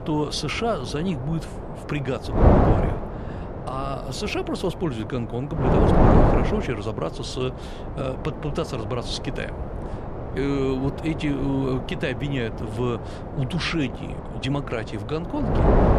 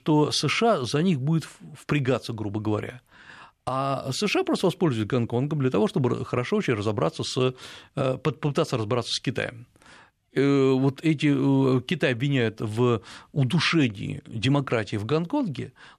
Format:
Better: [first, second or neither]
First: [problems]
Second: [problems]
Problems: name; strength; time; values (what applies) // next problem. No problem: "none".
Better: second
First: wind noise on the microphone; heavy; as loud as the speech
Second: none